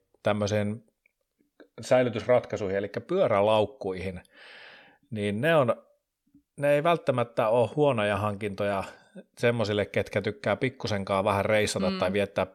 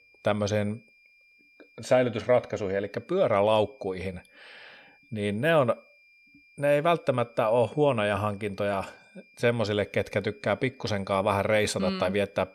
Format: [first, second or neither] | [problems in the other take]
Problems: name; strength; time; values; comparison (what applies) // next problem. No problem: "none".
first | high-pitched whine; faint; throughout; 2.5 kHz, 30 dB below the speech